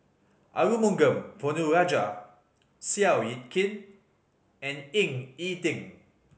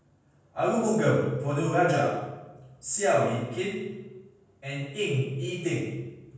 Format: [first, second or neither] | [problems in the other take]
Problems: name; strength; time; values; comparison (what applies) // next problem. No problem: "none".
first | room echo; dies away in 1.2 s